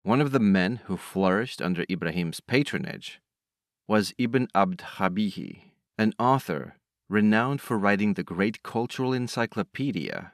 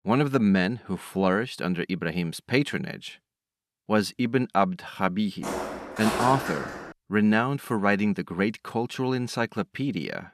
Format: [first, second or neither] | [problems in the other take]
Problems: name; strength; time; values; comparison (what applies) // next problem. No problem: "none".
first | footsteps; noticeable; from 5.5 to 7 s; peak 1 dB below the speech